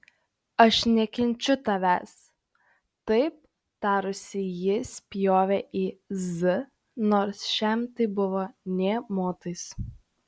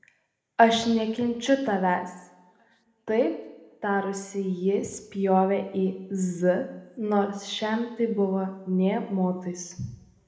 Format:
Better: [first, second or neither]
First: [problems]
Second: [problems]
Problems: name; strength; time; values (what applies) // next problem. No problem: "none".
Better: first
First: none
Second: room echo; dies away in 0.7 s